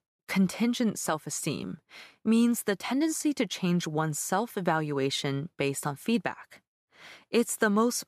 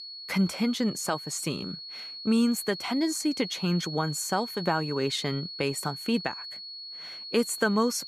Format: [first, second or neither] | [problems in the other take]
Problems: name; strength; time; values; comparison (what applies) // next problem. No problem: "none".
first | high-pitched whine; loud; throughout; 4.5 kHz, 9 dB below the speech